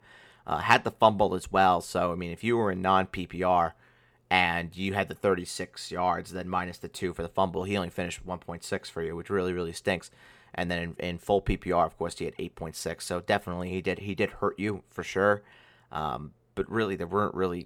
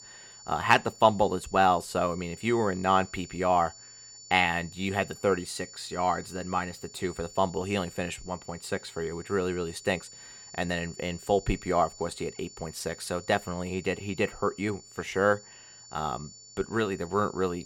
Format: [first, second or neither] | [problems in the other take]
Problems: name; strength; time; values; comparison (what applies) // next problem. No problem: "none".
first | high-pitched whine; noticeable; throughout; 7 kHz, 20 dB below the speech